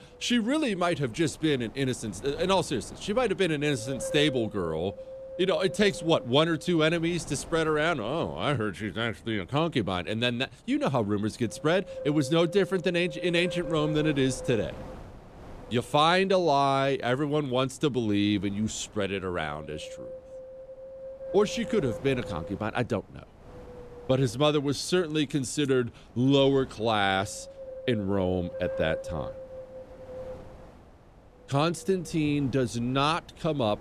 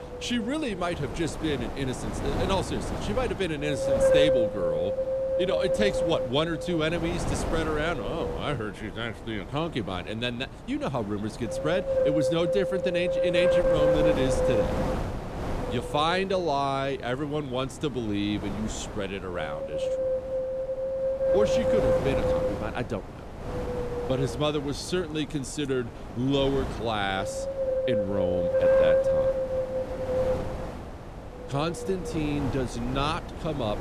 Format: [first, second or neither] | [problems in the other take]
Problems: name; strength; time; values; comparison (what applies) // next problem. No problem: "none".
first | wind noise on the microphone; heavy; 3 dB above the speech; occasional gusts in the first